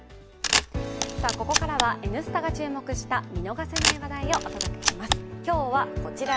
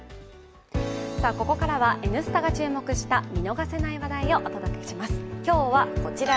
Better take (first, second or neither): second